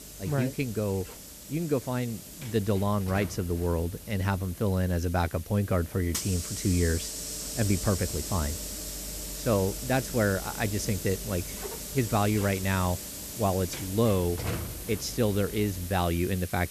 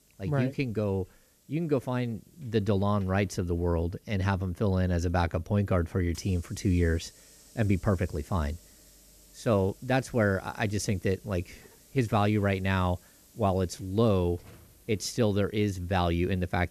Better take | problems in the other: second | hiss; loud; throughout; 8 dB below the speech; faint in the second

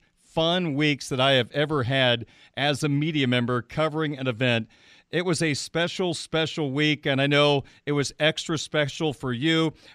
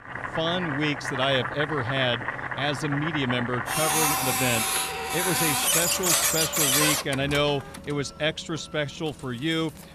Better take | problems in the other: first | household noises; very loud; throughout; 3 dB above the speech

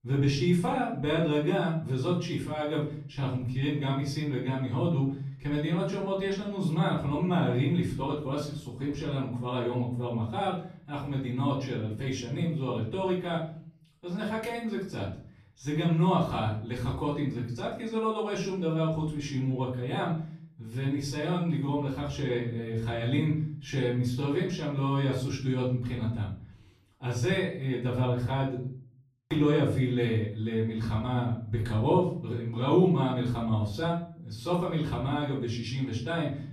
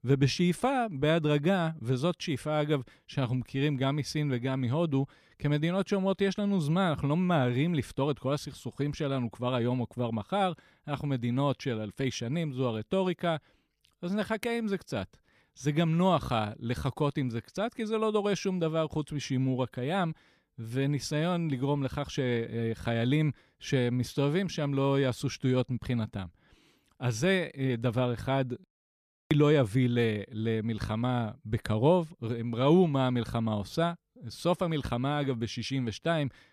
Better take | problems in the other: second | off-mic speech; far // room echo; noticeable; dies away in 0.5 s

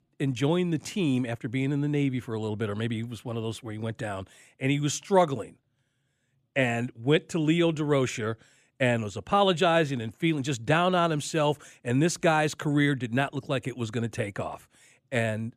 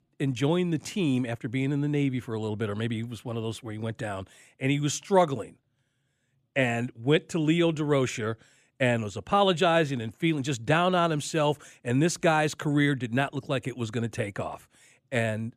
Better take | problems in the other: neither | none

